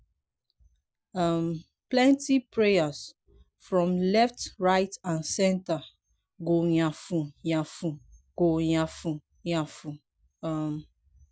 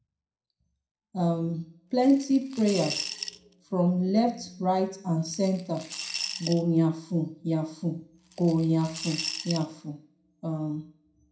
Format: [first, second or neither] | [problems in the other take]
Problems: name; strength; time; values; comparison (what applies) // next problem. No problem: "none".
first | background sound (Coin (dropping) / Glass); 10 dB below the speech // room echo; dies away in 0.4 s